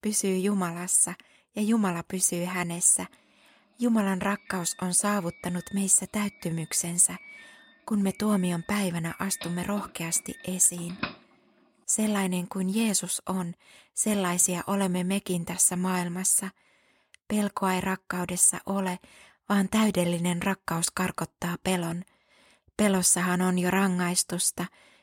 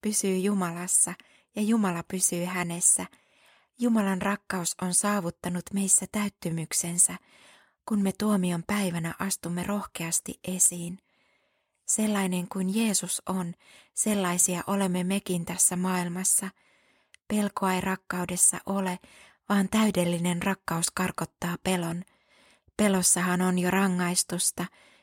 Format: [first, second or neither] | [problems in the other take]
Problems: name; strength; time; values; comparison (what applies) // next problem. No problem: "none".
second | doorbell; noticeable; from 9 to 11 s; peak 10 dB below the speech